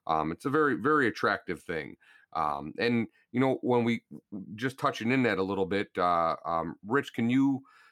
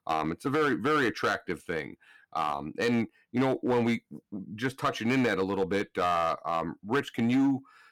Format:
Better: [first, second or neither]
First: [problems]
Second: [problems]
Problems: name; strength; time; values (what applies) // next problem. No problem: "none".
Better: first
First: none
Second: distortion; slight; 6% of the sound clipped